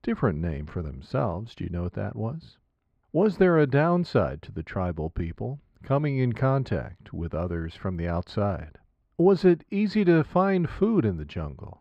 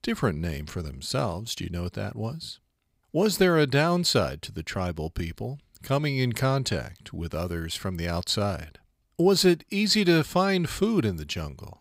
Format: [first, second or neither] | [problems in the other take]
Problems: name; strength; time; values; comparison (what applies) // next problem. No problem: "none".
second | muffled; very; fading above 4 kHz